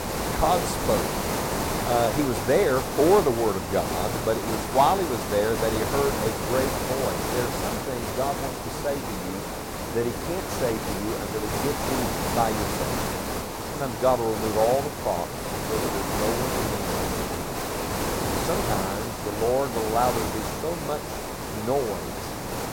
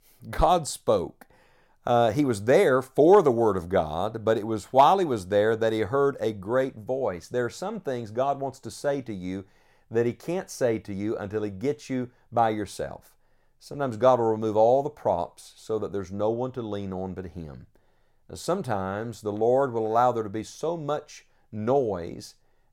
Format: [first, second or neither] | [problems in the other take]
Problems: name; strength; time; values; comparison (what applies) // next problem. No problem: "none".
second | hiss; loud; throughout; 1 dB below the speech